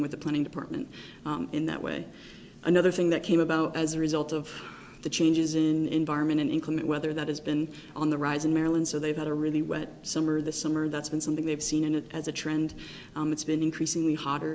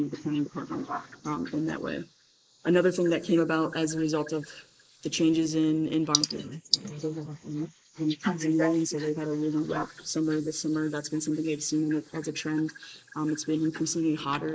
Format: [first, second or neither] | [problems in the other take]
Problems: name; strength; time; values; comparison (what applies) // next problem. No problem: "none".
first | noise reduction (neural mask model Resemble Enhance denoiser)